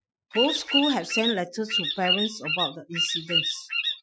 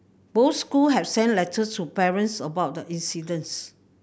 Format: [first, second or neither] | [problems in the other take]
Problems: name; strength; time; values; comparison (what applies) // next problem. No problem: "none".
second | noise reduction (classical method Wiener filter)